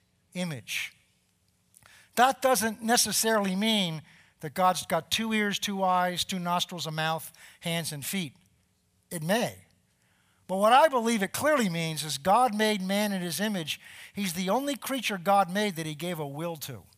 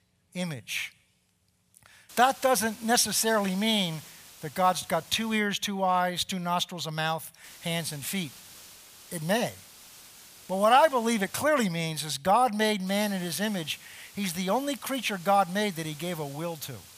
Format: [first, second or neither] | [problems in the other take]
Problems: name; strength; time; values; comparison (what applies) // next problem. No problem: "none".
first | hiss; noticeable; from 2 to 5.5 s, from 7.5 to 11 s and from 13 s on; 20 dB below the speech